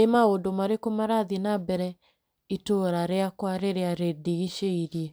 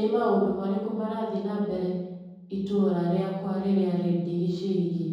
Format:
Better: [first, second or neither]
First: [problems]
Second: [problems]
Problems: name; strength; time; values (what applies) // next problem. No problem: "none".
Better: first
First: none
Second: room echo; dies away in 1.3 s